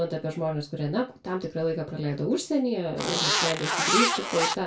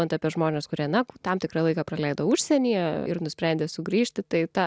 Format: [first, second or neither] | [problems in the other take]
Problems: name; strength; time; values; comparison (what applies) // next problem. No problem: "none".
second | background sound (Zipper (clothing)); 3 dB above the speech // room echo; dies away in 0.2 s